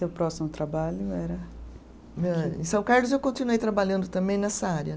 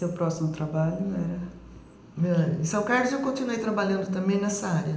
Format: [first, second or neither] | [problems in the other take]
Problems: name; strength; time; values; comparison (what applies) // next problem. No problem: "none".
first | room echo; dies away in 0.8 s